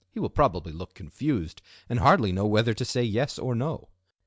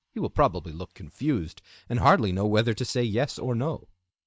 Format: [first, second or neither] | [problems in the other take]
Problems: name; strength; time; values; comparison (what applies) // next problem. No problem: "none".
first | noise reduction (neural mask model Resemble Enhance denoiser)